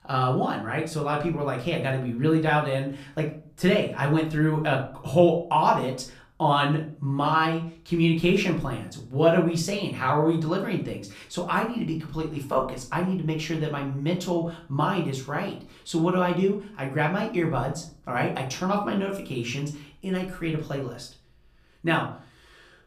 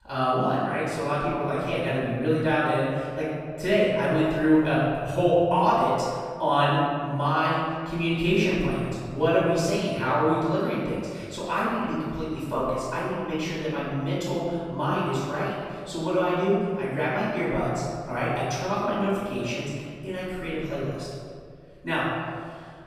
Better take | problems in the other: first | room echo; strong; dies away in 1.8 s; slight in the first // off-mic speech; far; far in the first

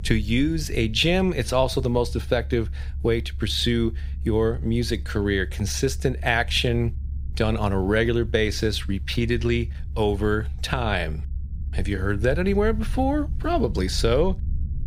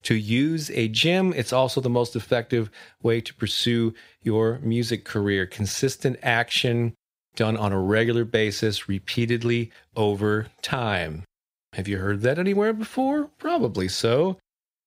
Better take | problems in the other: second | low rumble; faint; throughout; 25 dB below the speech

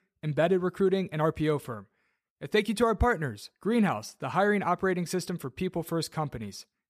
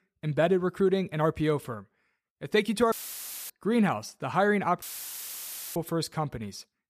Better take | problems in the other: first | audio cutting out; filled with static; at 3 s for 0.5 s and at 5 s for 1 s

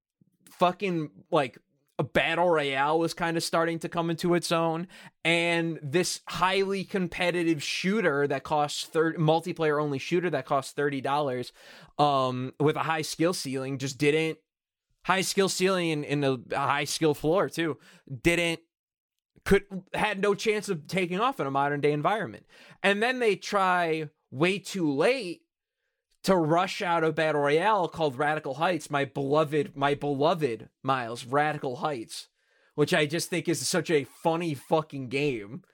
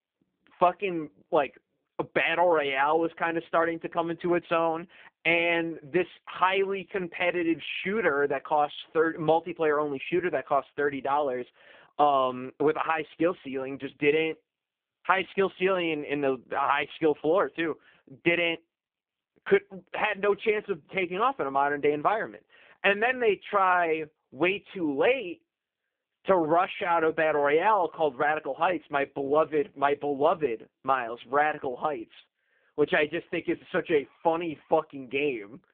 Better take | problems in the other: first | phone-call audio; poor line

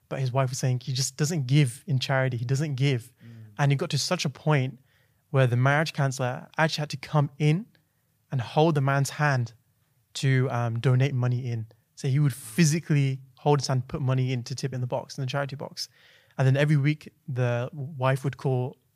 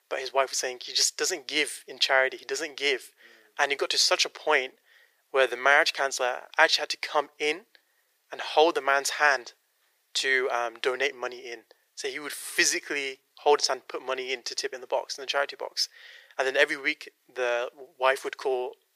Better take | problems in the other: first | thin; very; fading below 400 Hz

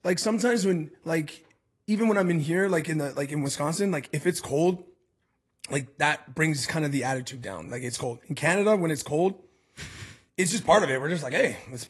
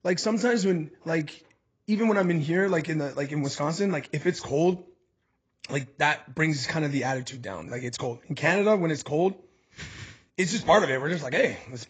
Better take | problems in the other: first | garbled, watery; badly; nothing above 7.5 kHz; slightly in the first

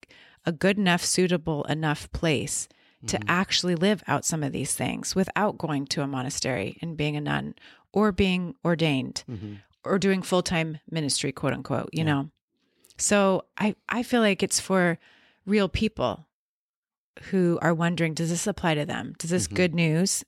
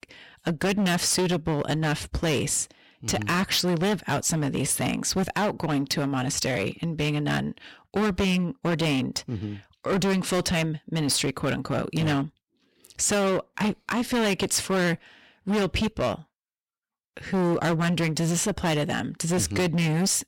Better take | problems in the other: first | distortion; heavy; 17% of the sound clipped

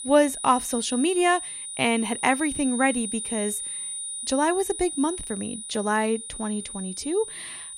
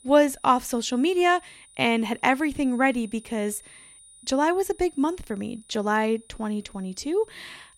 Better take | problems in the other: second | high-pitched whine; loud; throughout; 9.5 kHz, 6 dB below the speech; faint in the second

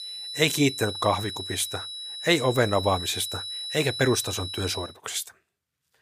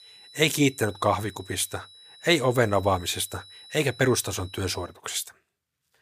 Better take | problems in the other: second | high-pitched whine; loud; until 5 s; 4 kHz, 7 dB below the speech; faint in the second

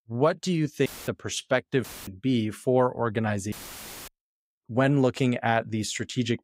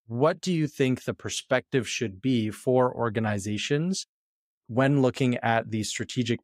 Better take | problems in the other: second | audio cutting out; filled with static; at 1 s, at 2 s and at 3.5 s for 0.5 s

